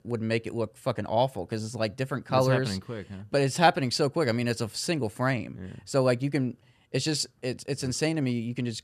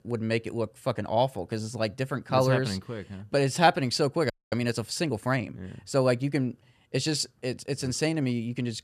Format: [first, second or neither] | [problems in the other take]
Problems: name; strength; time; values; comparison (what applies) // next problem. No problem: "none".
first | audio freezing; at 4.5 s